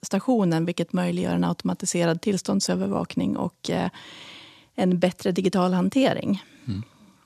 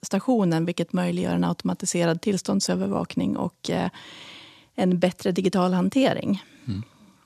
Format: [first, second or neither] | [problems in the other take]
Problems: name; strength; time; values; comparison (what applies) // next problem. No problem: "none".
neither | none